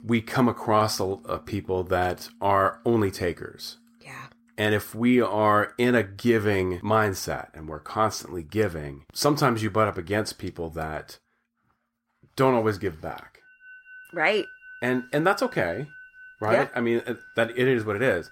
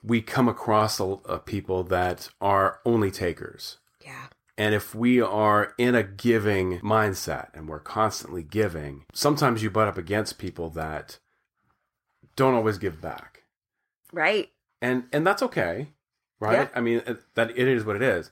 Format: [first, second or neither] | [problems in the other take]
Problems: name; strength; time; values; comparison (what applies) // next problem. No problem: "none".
second | background music; faint; throughout; 25 dB below the speech